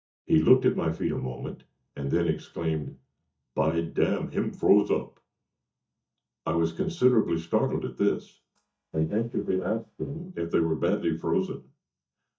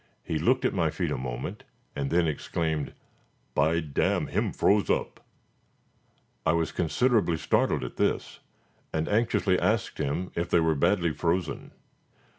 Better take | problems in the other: second | noise reduction (neural mask model DeepFilterNet 3)

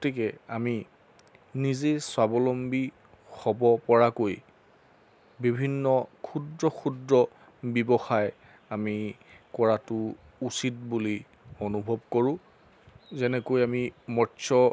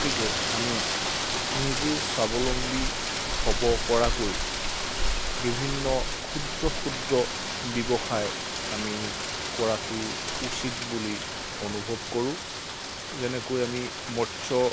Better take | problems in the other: first | background sound (Rain); 1 dB above the speech

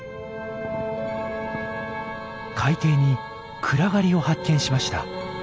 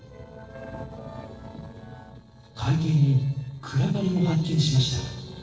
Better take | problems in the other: first | noise reduction (neural separator model SepFormer DNS4)

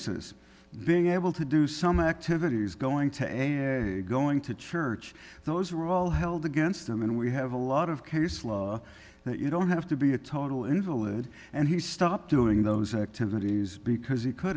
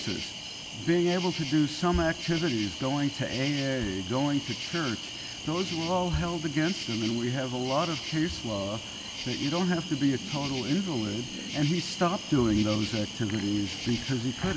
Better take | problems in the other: first | background sound (Cricket); 8 dB below the speech

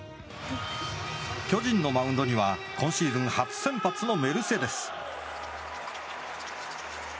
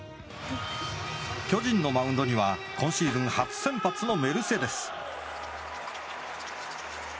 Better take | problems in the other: first | background sound (Train); 18 dB below the speech

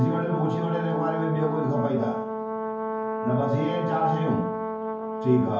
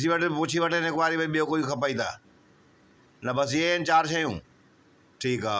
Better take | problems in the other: second | background sound (Brass instrument); 3 dB below the speech // room echo; dies away in 0.9 s

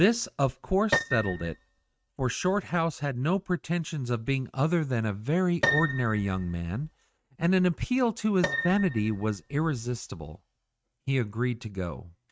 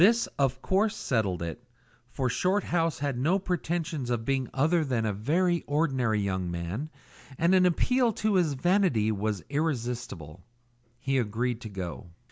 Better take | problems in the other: second | noise reduction (neural mask model RNNoise)

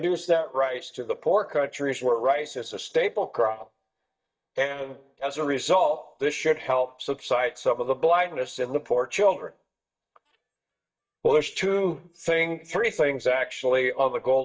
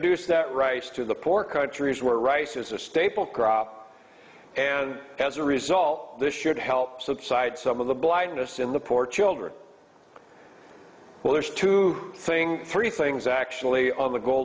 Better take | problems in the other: second | noise reduction (neural mask model DeepFilterNet 3)

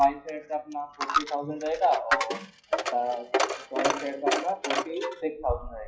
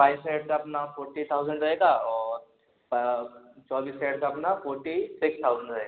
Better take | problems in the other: second | noise reduction (classical method WPE with log-MMSE)

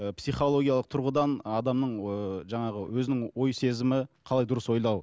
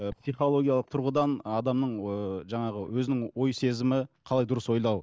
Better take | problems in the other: first | noise reduction (neural mask model DeepFilterNet 3)

